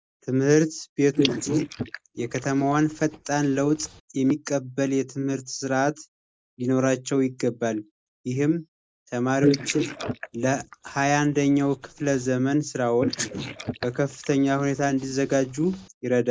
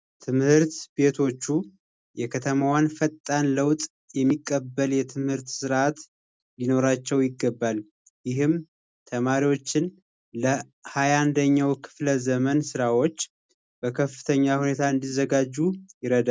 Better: second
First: noise reduction (neural mask model Resemble Enhance denoiser)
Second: none

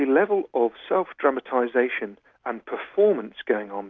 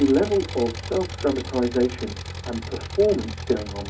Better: first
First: none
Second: background sound (Engine); 9 dB below the speech // room echo; dies away in 0.4 s

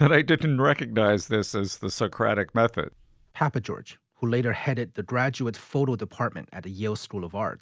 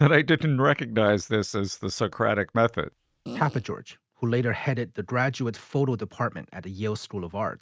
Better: first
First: none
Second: noise reduction (neural mask model RNNoise)

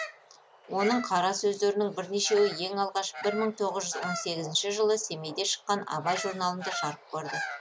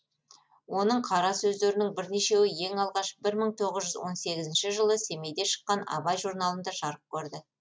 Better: second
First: background sound (Bird vocalization, bird call, bird song); 11 dB below the speech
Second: none

